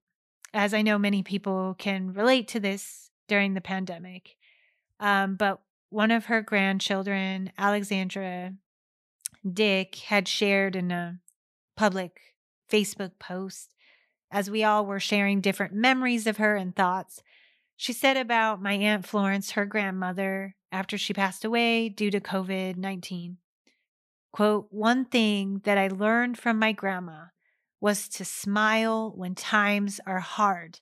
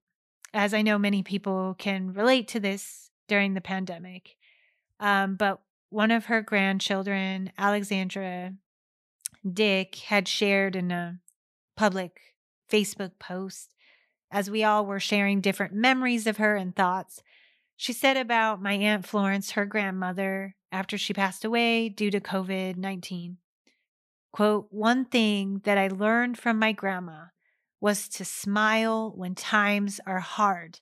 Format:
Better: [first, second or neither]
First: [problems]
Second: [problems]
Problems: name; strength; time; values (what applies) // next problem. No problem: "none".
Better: neither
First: none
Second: none